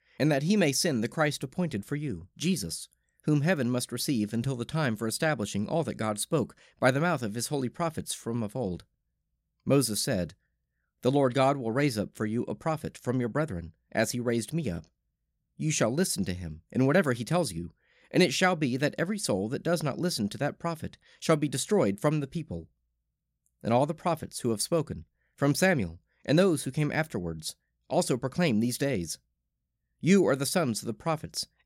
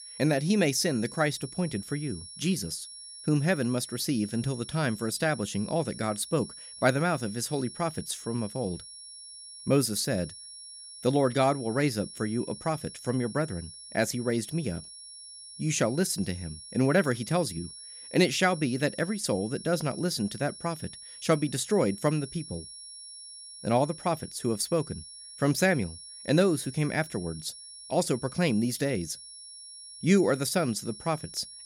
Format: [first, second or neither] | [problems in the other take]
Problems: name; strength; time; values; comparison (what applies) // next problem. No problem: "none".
first | high-pitched whine; noticeable; throughout; 10 kHz, 15 dB below the speech